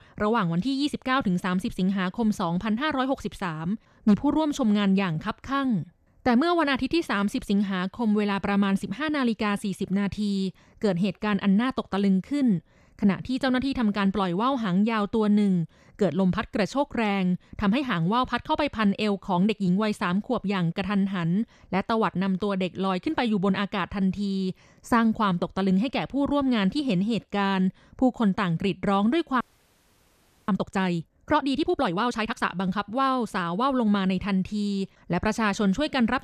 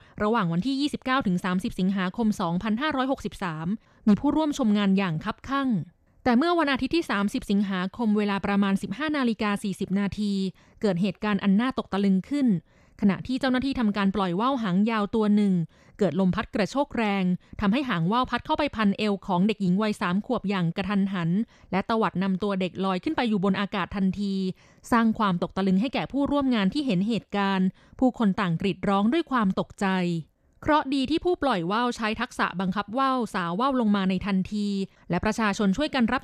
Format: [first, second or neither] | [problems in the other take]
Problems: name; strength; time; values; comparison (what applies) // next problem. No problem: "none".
second | audio freezing; at 29 s for 1 s